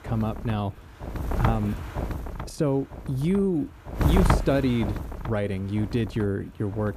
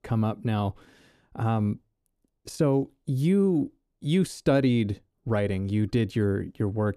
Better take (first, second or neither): second